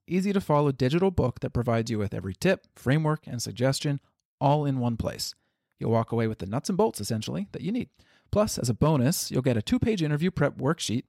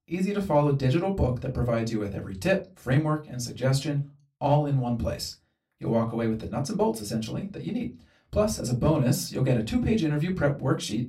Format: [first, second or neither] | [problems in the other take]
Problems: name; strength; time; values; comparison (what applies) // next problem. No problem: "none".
first | off-mic speech; far // room echo; very slight; dies away in 0.2 s